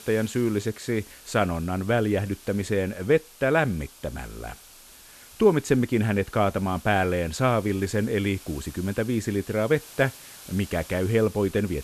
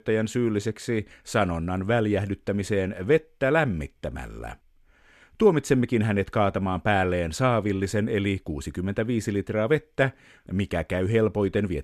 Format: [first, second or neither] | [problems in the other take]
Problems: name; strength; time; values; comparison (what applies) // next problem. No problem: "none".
second | hiss; noticeable; throughout; 20 dB below the speech